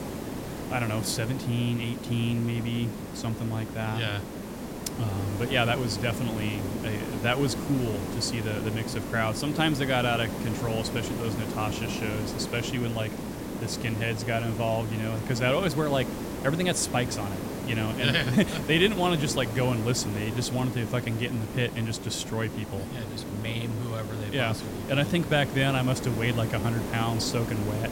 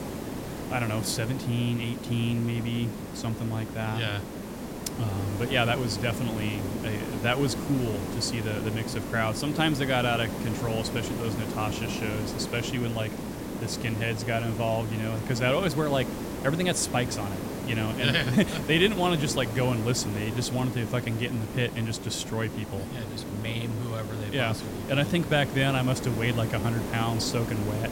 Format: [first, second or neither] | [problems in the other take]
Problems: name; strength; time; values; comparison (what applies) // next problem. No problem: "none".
neither | hiss; loud; throughout; 6 dB below the speech; the same in both